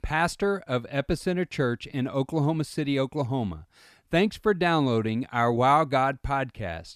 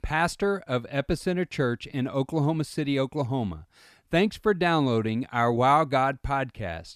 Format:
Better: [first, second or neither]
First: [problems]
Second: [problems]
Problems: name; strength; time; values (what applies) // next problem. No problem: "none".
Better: neither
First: none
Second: none